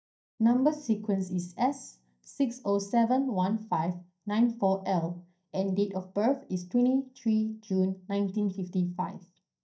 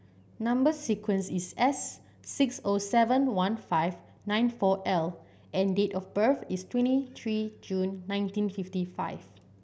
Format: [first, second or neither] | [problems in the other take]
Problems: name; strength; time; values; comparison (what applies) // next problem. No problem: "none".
second | noise reduction (neural mask model DeepFilterNet 3)